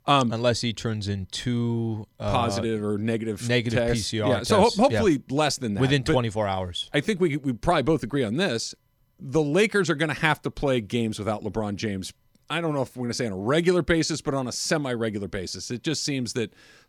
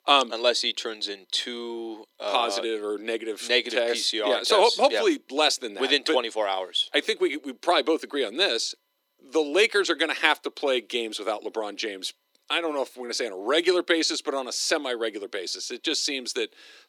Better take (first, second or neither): first